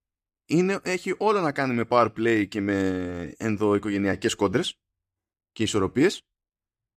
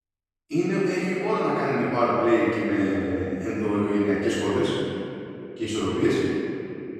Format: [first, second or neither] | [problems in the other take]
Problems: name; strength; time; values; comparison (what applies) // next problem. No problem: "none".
first | off-mic speech; far // room echo; strong; dies away in 2.6 s